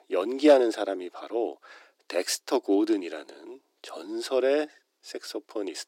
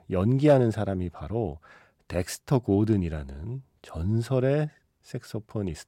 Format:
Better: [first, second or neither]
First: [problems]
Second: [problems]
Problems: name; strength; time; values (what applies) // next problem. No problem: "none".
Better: second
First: thin; somewhat; fading below 300 Hz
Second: none